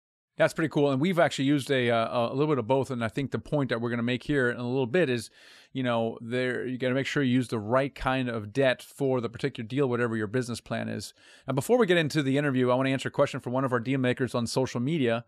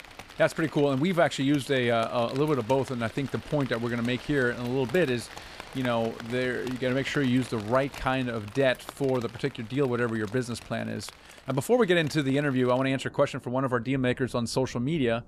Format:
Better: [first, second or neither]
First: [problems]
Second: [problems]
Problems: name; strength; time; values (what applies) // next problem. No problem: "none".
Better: first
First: none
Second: rain or running water; noticeable; throughout; 20 dB below the speech